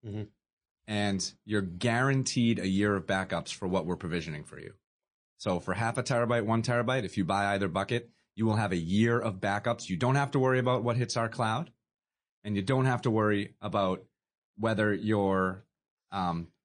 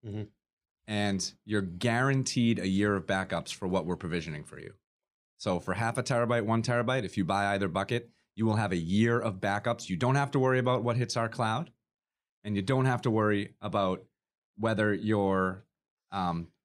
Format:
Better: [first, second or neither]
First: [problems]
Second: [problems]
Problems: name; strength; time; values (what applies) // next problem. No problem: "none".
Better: second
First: garbled, watery; slightly; nothing above 9.5 kHz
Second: none